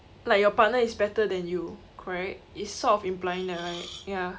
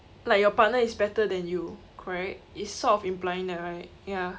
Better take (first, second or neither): second